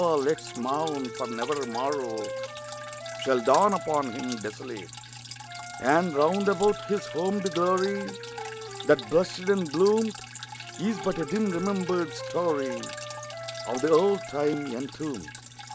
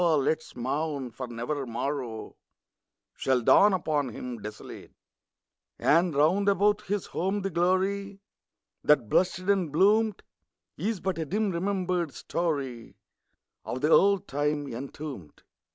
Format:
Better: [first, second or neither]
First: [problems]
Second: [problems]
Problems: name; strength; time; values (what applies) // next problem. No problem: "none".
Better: second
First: background sound (Wind instrument, woodwind instrument + Drip); 10 dB below the speech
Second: none